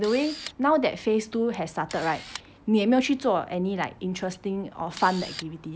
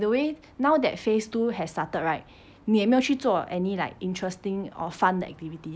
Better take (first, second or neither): second